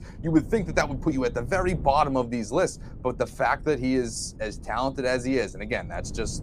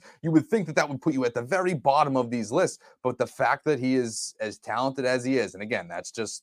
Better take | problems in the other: second | wind noise on the microphone; occasional gusts; 25 dB below the speech

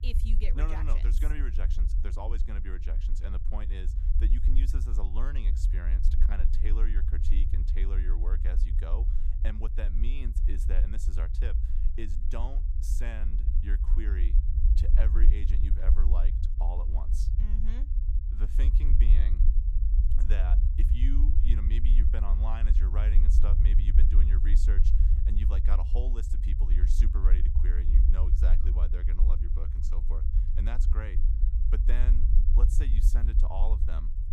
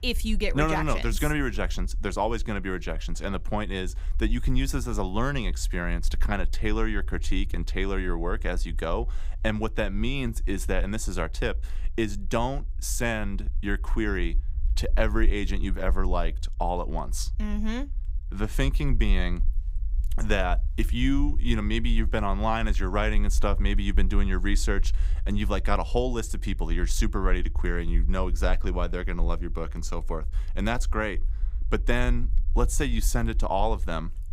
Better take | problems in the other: second | low rumble; loud; throughout; 4 dB below the speech; faint in the second

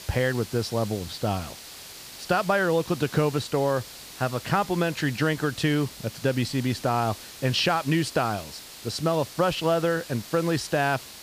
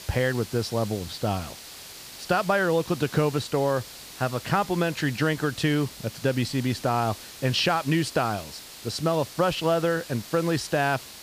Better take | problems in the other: neither | hiss; noticeable; throughout; 15 dB below the speech; the same in both

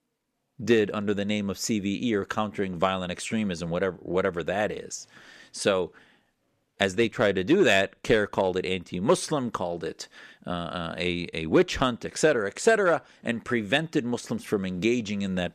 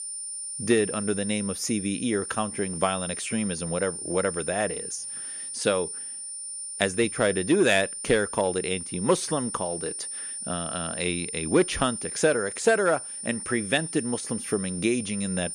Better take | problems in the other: first | high-pitched whine; loud; throughout; 9 kHz, 6 dB below the speech

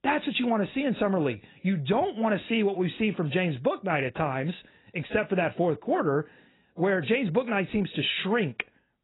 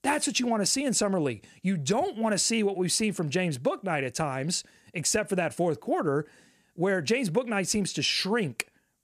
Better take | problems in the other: second | garbled, watery; badly; nothing above 4 kHz

